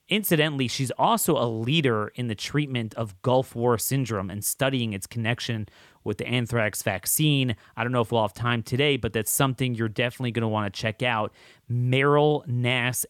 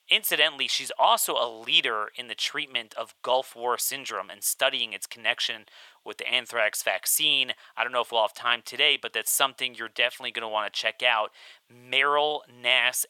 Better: first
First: none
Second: thin; very; fading below 850 Hz

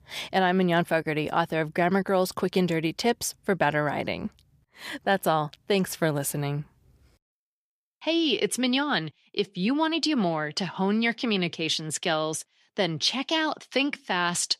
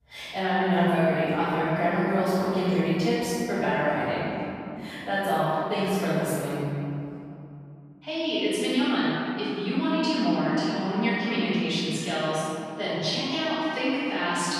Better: first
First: none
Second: off-mic speech; far // room echo; strong; dies away in 2.6 s

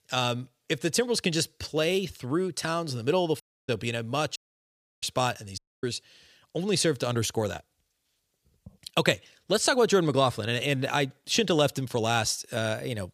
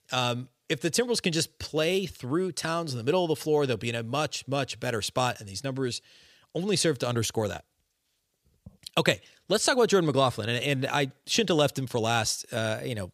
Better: second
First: audio cutting out; at 3.5 s, at 4.5 s for 0.5 s and at 5.5 s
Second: none

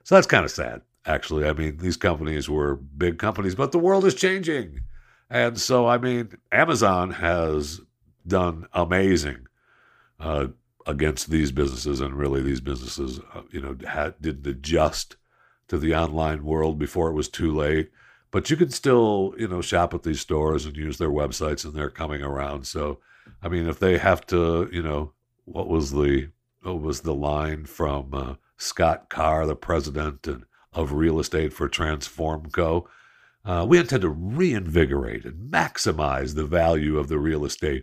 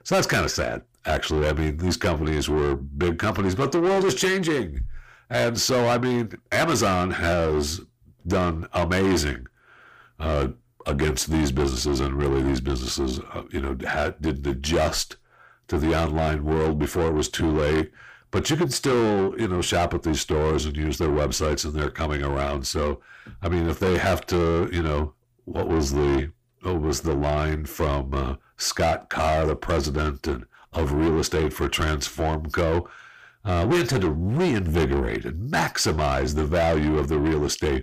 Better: first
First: none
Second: distortion; heavy; 6 dB below the speech

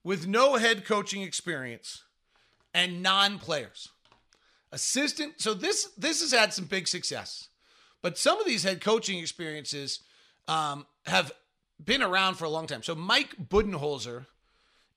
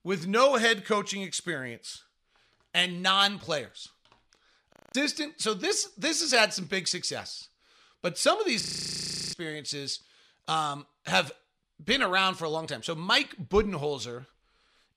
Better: first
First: none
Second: audio freezing; at 4.5 s and at 8.5 s for 0.5 s

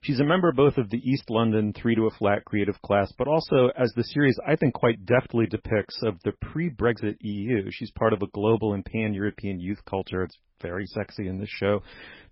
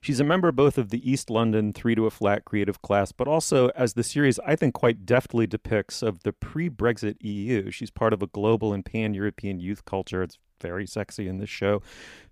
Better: second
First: garbled, watery; badly; nothing above 5.5 kHz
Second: none

